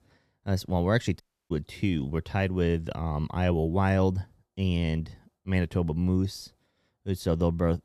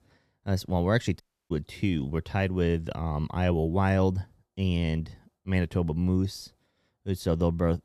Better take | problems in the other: neither | audio cutting out; at 1 s; the same in both

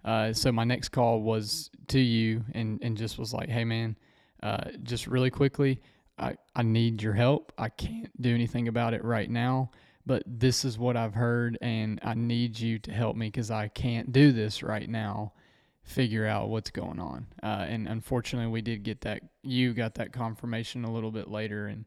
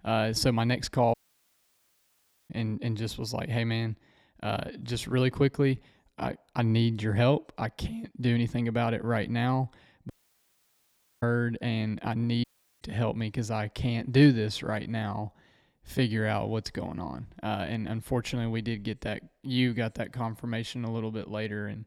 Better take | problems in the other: first | audio cutting out; at 1 s for 1.5 s, at 10 s for 1 s and at 12 s

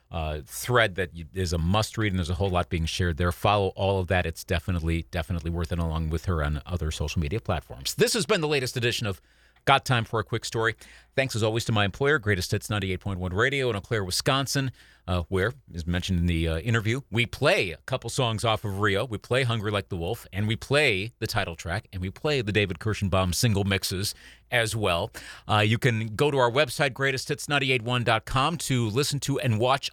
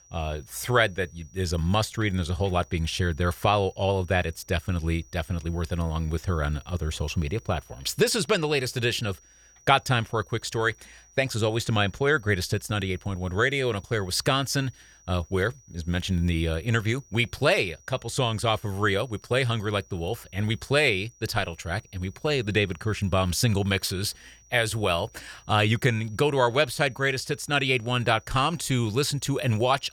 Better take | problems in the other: first | high-pitched whine; faint; throughout; 6 kHz, 30 dB below the speech

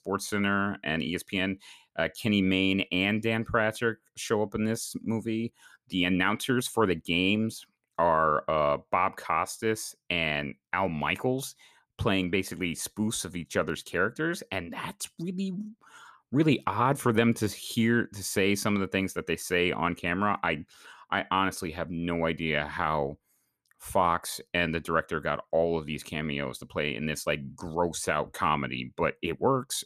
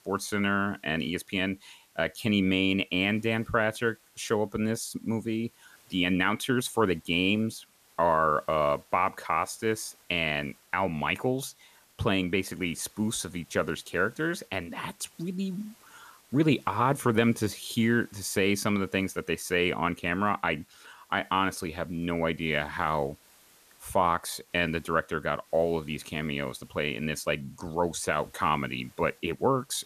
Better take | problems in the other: first | hiss; faint; throughout; 30 dB below the speech

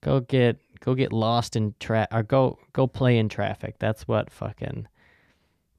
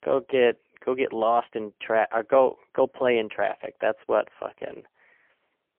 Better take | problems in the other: first | phone-call audio; poor line; nothing above 3 kHz

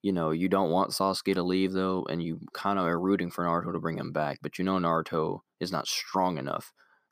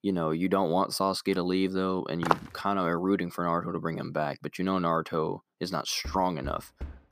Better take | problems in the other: first | footsteps; loud; at 2 s; peak level with the speech // door banging; faint; at 6 s; peak 15 dB below the speech

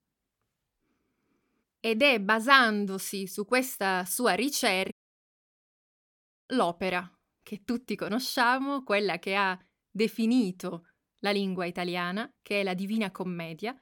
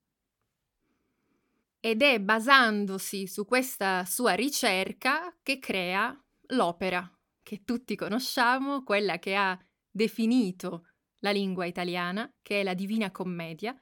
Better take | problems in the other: second | audio cutting out; at 5 s for 1.5 s

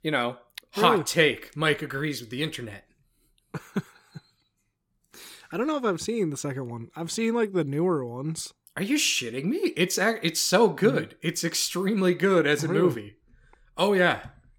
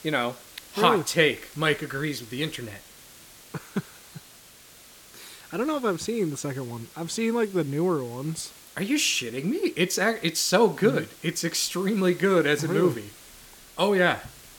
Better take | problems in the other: first | hiss; faint; throughout; 20 dB below the speech

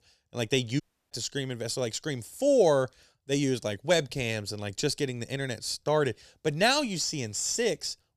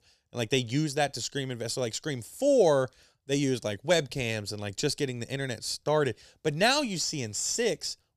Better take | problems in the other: second | audio cutting out; at 1 s

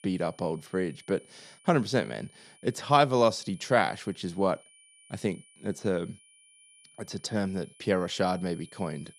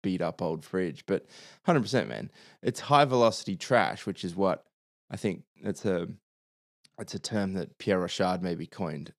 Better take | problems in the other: second | high-pitched whine; faint; throughout; 10 kHz, 25 dB below the speech

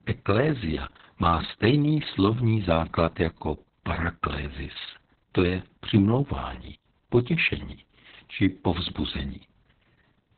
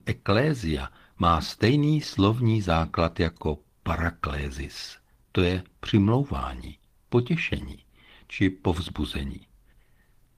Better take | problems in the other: second | garbled, watery; badly; nothing above 4 kHz; slightly in the second

